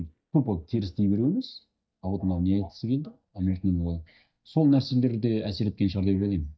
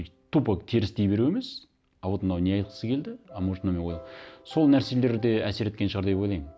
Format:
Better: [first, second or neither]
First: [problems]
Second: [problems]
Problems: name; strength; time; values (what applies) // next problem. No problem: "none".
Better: second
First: noise reduction (neural mask model DeepFilterNet 3)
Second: none